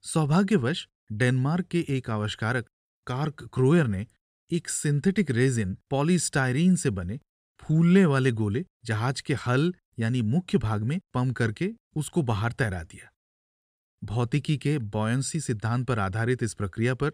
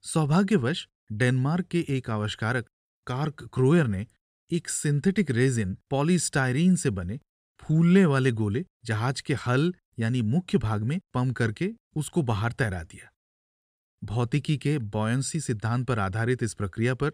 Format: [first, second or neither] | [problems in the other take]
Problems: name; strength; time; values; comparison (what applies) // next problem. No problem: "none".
neither | none